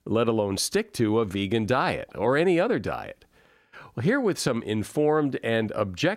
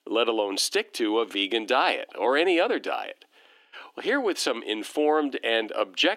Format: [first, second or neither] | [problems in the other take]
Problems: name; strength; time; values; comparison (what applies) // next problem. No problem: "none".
first | thin; somewhat; fading below 300 Hz